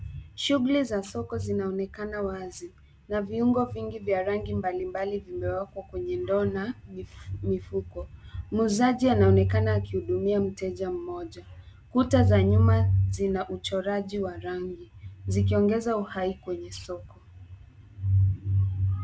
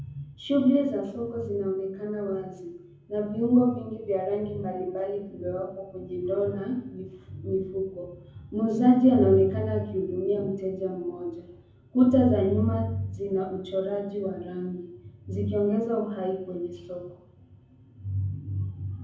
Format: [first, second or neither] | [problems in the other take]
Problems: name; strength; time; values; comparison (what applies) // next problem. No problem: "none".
first | room echo; dies away in 0.7 s